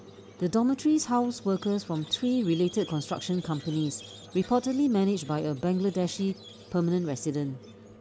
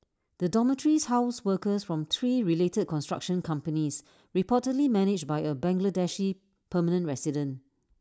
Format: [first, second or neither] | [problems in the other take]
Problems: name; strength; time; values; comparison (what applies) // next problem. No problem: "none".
second | background sound (Squeak); 19 dB below the speech